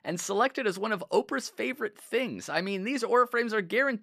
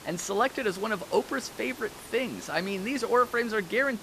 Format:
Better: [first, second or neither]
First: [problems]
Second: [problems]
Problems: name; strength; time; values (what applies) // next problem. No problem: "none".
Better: first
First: none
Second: hiss; noticeable; throughout; 15 dB below the speech